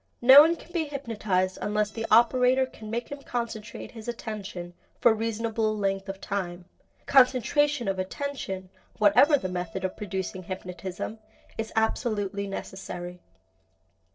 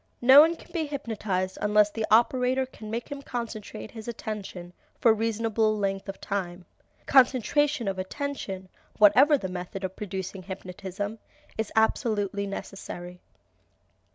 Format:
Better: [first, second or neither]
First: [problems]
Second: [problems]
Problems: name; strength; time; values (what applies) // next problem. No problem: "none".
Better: second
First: noise reduction (neural separator model SepFormer DNS4)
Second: none